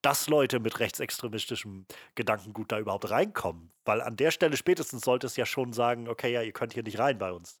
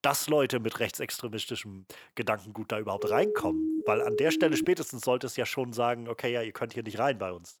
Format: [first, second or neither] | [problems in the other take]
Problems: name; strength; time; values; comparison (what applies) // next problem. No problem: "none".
first | siren; loud; from 3 to 4.5 s; peak 1 dB above the speech